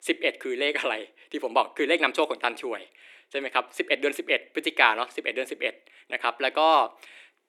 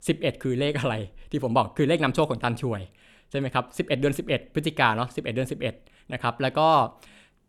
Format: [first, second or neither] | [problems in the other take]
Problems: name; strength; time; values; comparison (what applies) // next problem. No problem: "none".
second | thin; somewhat; fading below 300 Hz